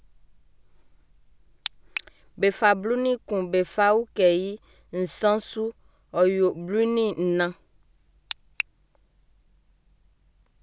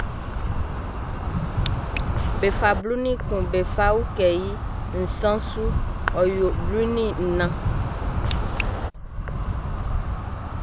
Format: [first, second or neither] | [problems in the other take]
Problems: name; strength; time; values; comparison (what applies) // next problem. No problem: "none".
first | background sound (Insect); 1 dB above the speech